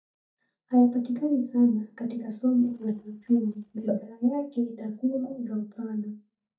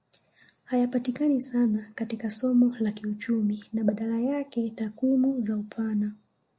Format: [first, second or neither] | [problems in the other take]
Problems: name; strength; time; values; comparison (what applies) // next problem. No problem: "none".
second | noise reduction (neural mask model DeepFilterNet 3)